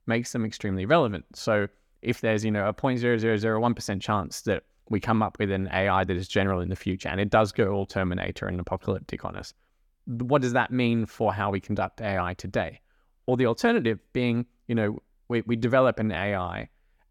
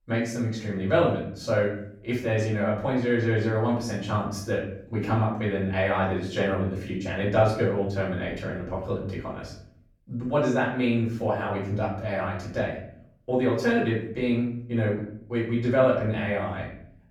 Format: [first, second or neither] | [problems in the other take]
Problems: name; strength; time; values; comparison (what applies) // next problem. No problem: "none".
first | off-mic speech; far // room echo; noticeable; dies away in 0.6 s